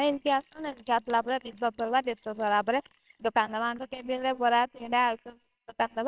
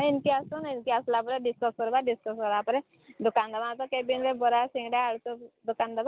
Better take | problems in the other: second | noise reduction (neural separator model SepFormer WHAMR!)

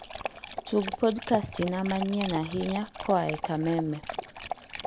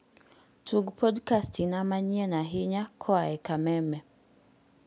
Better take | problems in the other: second | background sound (Dog); 8 dB below the speech

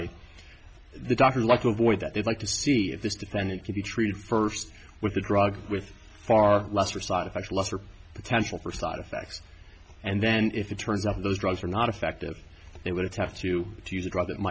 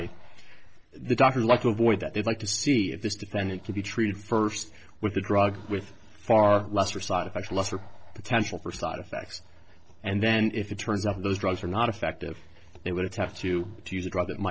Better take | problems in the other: first | noise reduction (neural separator model SepFormer DNS4)

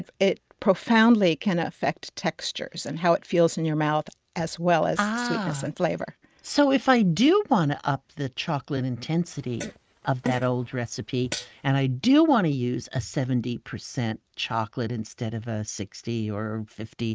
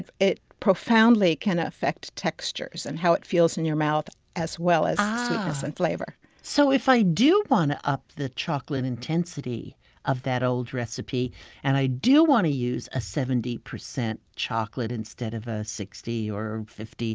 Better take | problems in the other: second | noise reduction (neural mask model RNNoise)

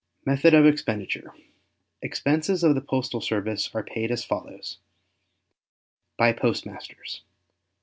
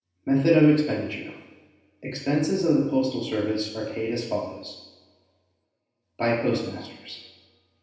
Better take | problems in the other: first | room echo; dies away in 0.9 s

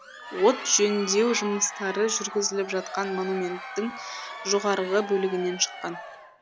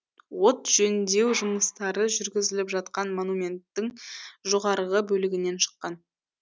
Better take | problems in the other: second | background sound (Crowd); 11 dB below the speech

